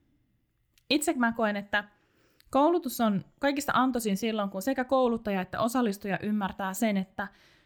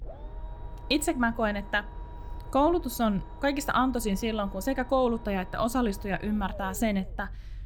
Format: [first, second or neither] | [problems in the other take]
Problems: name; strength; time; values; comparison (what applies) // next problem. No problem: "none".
first | low rumble; noticeable; throughout; 20 dB below the speech